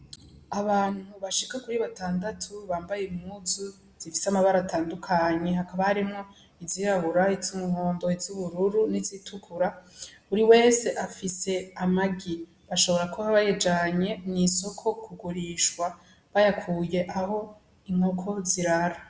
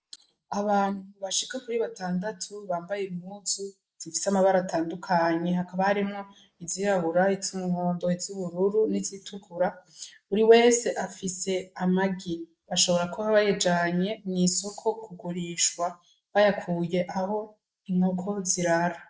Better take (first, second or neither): first